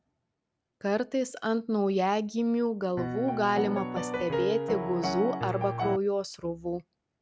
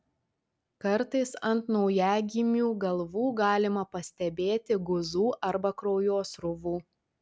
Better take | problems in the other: second | background sound (Piano); 2 dB below the speech

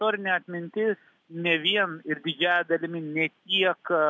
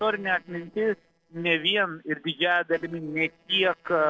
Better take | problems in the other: first | noise reduction (neural separator model SepFormer DNS4)

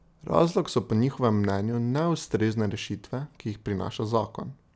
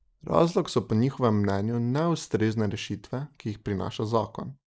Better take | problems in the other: first | noise reduction (neural mask model Resemble Enhance denoiser)

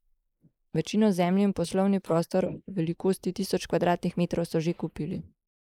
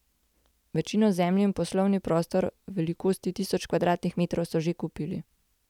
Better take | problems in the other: second | noise reduction (neural mask model Resemble Enhance denoiser)

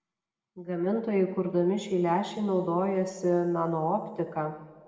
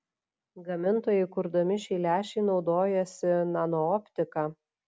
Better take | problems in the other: second | room echo; dies away in 1.8 s

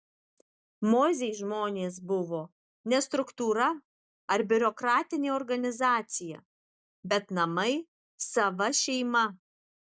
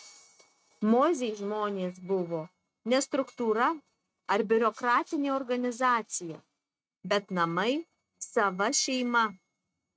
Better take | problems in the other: first | noise reduction (neural mask model RNNoise)

